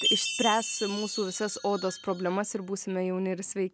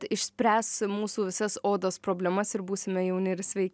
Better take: second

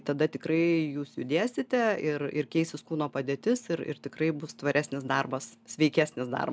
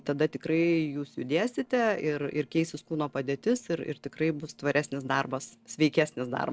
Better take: first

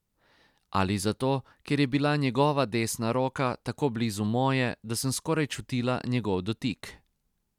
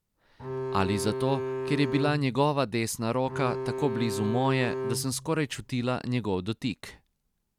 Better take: first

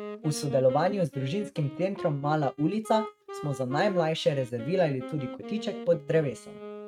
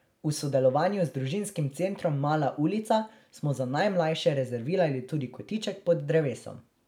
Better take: second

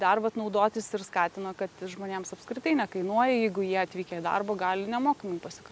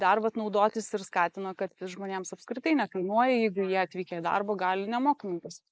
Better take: first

